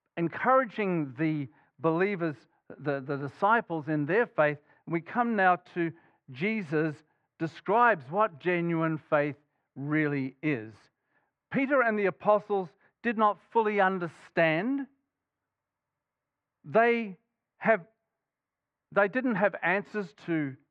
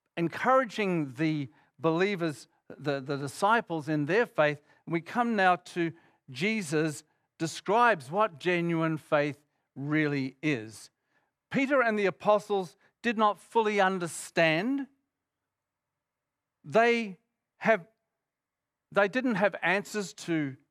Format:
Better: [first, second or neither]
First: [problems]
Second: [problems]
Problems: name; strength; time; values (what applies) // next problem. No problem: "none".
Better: second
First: muffled; very; fading above 2 kHz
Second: none